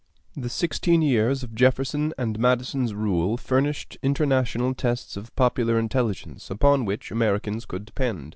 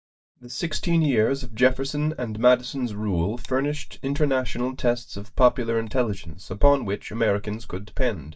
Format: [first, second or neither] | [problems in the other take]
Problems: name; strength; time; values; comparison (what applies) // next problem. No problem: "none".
first | noise reduction (neural mask model DeepFilterNet 3)